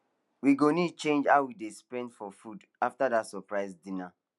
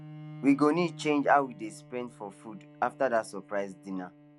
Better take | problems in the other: first | background sound (Bowed string instrument); 18 dB below the speech

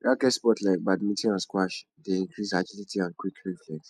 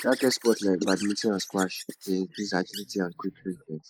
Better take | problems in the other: first | noise reduction (neural mask model Resemble Enhance denoiser)

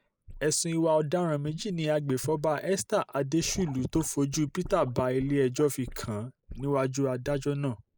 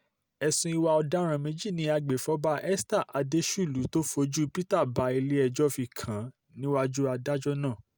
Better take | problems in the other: second | noise reduction (neural mask model Resemble Enhance denoiser)

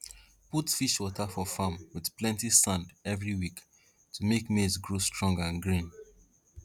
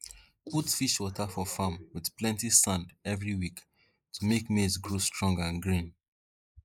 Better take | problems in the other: first | noise reduction (neural mask model Resemble Enhance denoiser)

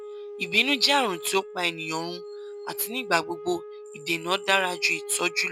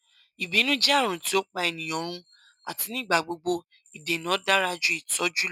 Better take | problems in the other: second | background sound (Wind instrument, woodwind instrument); 12 dB below the speech

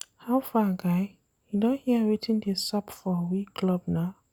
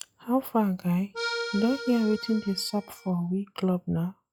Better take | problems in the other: first | noise reduction (classical method log-MMSE)

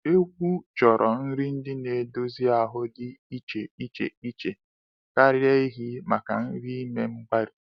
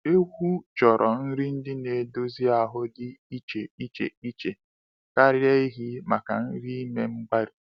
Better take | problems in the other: second | noise reduction (neural mask model Resemble Enhance denoiser)

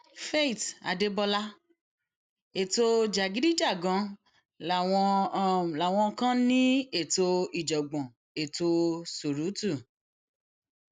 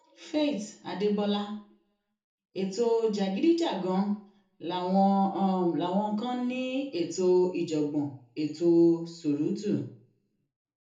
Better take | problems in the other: first | room echo; dies away in 0.8 s

